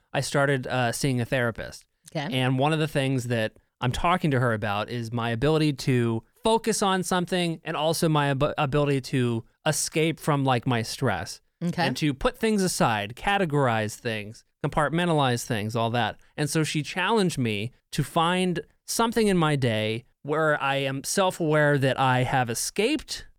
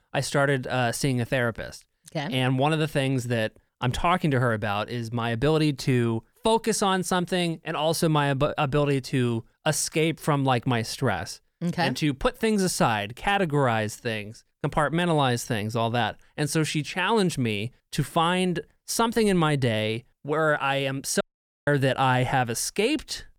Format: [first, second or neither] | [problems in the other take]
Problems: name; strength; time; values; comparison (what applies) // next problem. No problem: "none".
first | audio cutting out; at 21 s